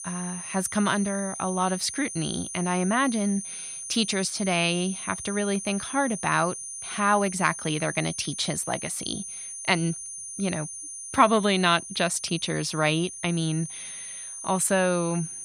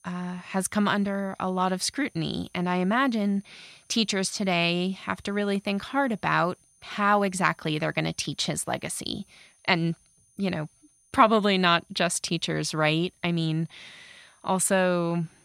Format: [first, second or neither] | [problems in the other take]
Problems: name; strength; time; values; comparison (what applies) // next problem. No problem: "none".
second | high-pitched whine; loud; throughout; 9.5 kHz, 8 dB below the speech; faint in the second